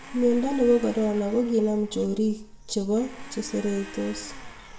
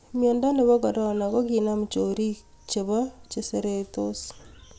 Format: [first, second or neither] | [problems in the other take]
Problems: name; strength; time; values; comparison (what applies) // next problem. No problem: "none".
second | background sound (Domestic sounds, home sounds); 19 dB below the speech // room echo; dies away in 0.4 s